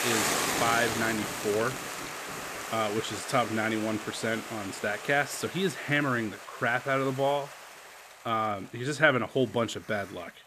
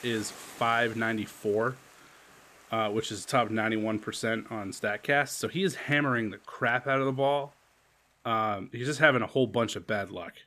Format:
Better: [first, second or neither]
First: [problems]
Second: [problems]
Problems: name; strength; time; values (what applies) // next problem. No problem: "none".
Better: second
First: hiss; loud; throughout; 5 dB below the speech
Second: hiss; faint; throughout; 25 dB below the speech